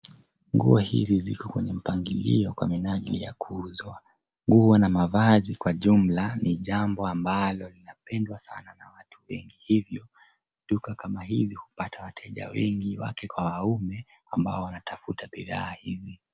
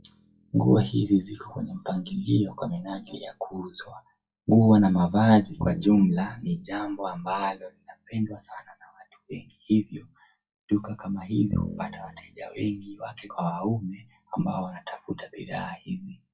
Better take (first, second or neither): first